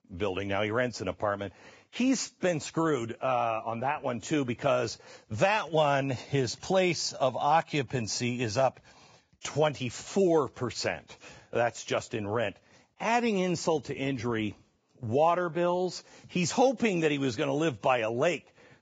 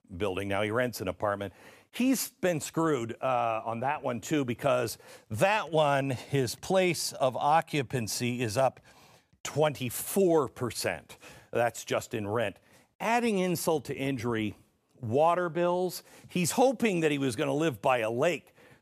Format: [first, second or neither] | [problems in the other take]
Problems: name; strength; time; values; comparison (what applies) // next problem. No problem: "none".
second | garbled, watery; badly; nothing above 7.5 kHz